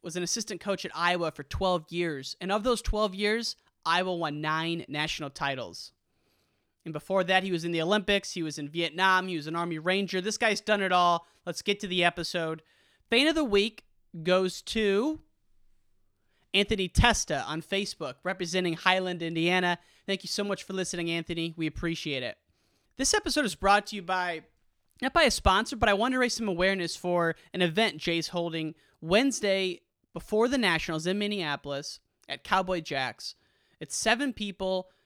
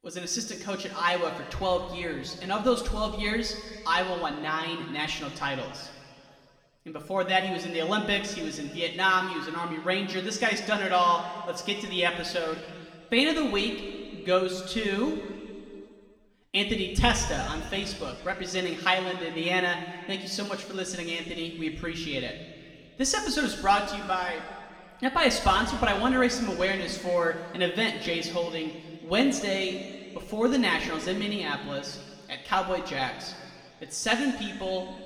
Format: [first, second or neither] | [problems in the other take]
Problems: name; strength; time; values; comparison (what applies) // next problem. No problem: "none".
first | room echo; slight; dies away in 1.9 s // off-mic speech; somewhat distant